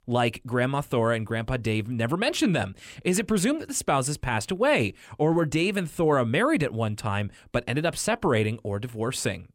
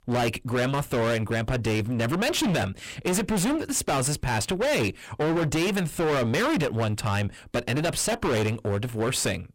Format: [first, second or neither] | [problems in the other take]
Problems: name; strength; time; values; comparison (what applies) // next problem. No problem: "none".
first | distortion; heavy; 29% of the sound clipped